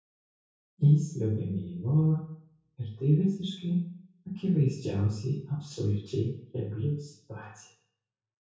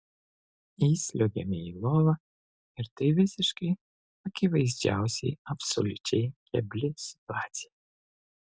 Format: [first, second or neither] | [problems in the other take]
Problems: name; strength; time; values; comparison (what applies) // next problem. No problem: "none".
second | room echo; dies away in 0.6 s